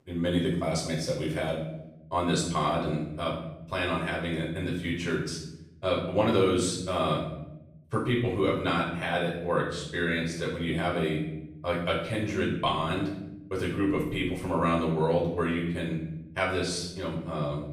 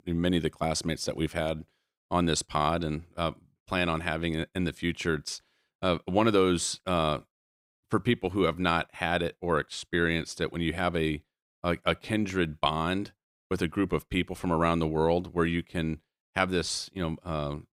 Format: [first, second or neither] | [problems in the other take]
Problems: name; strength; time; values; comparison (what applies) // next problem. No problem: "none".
second | off-mic speech; far // room echo; noticeable; dies away in 0.8 s